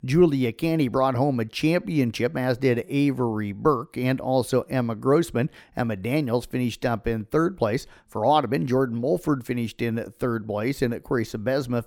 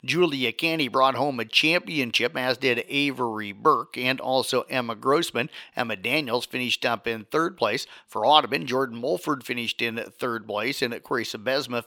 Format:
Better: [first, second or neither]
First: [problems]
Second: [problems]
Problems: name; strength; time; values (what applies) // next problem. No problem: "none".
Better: first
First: none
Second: thin; somewhat; fading below 650 Hz